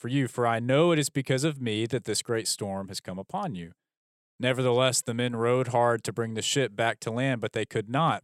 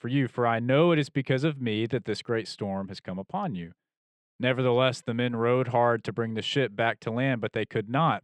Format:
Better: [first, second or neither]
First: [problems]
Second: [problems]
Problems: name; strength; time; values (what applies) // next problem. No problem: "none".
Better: first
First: none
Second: muffled; slightly; fading above 2.5 kHz